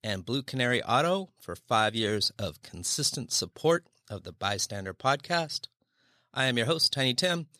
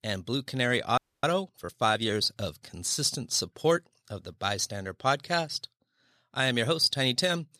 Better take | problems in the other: first | audio freezing; at 1 s

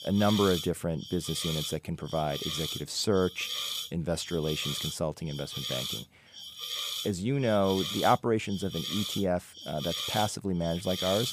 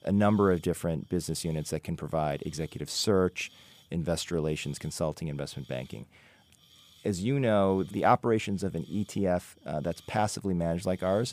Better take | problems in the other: second | hiss; loud; throughout; 4 dB below the speech; faint in the second

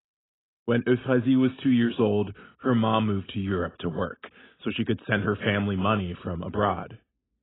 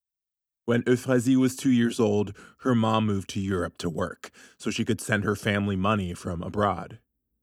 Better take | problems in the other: second | garbled, watery; badly; nothing above 3.5 kHz

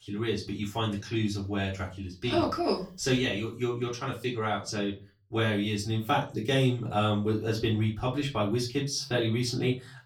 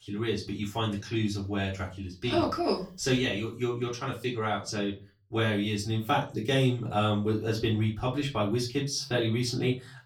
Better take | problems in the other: neither | off-mic speech; far; the same in both // room echo; very slight; dies away in 0.3 s; the same in both

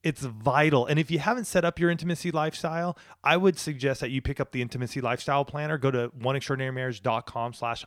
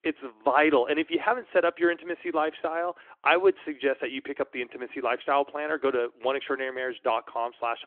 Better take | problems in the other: first | phone-call audio

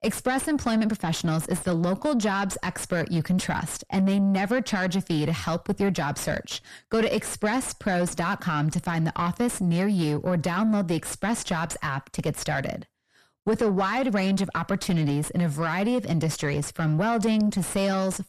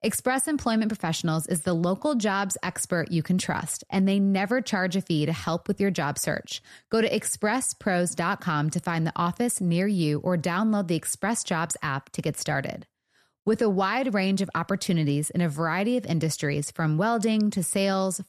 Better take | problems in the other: second | distortion; slight; 9 dB below the speech

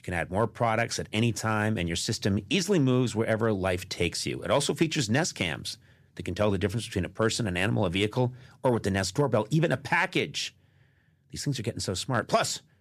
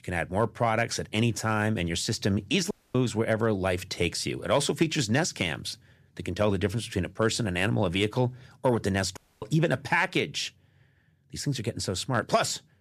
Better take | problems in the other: first | audio cutting out; at 2.5 s and at 9 s

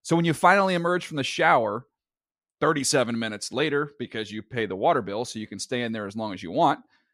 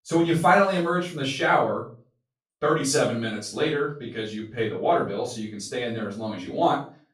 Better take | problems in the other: first | off-mic speech; far // room echo; noticeable; dies away in 0.3 s

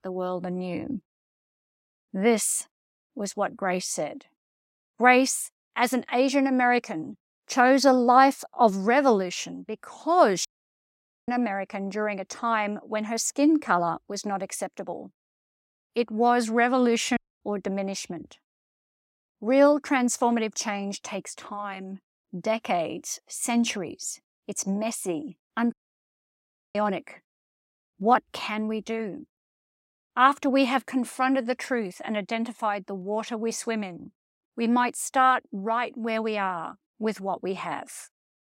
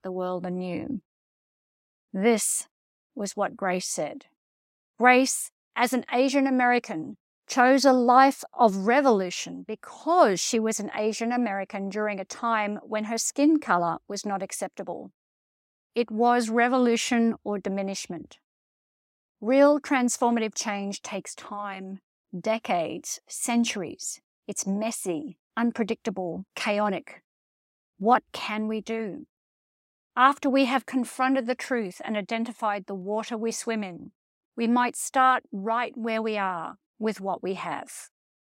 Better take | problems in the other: second | audio cutting out; at 10 s for 1 s, at 17 s and at 26 s for 1 s

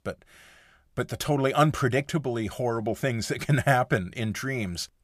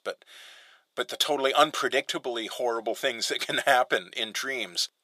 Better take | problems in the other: first | thin; very; fading below 400 Hz

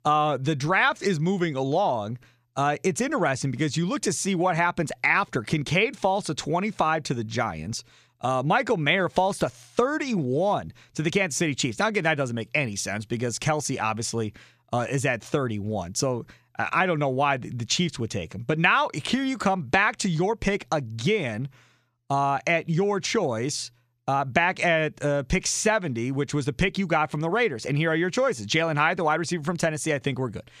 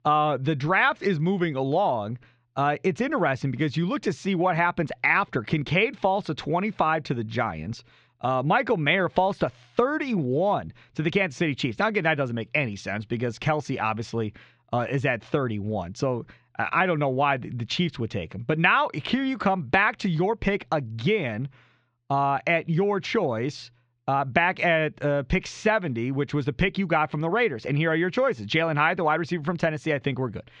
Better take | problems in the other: first | muffled; slightly; fading above 3.5 kHz

